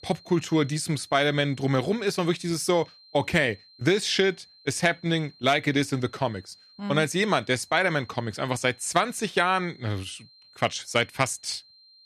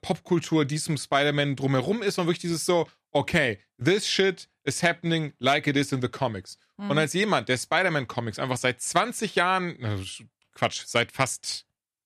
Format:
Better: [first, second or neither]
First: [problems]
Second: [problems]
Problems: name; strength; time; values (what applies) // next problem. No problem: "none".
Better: second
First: high-pitched whine; faint; throughout; 4 kHz, 25 dB below the speech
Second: none